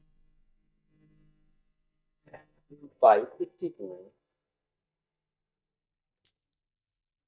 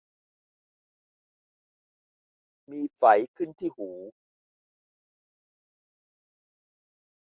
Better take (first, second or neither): second